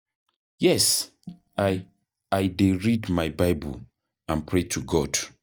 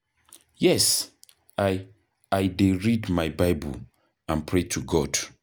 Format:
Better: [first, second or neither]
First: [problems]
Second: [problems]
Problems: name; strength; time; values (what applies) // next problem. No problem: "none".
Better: second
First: noise reduction (neural mask model DeepFilterNet 3)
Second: none